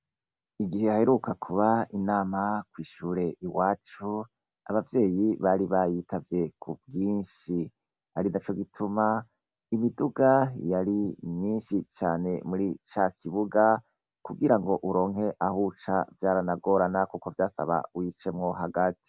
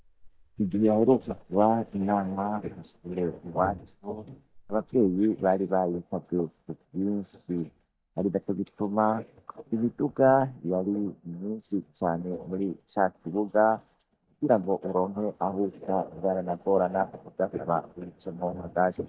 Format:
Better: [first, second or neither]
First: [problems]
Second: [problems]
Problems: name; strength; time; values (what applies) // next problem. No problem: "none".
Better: first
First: none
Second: noise reduction (neural mask model DeepFilterNet 3)